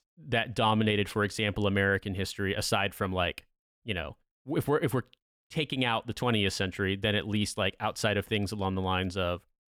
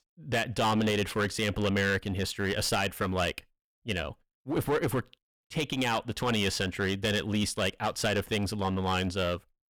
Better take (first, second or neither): first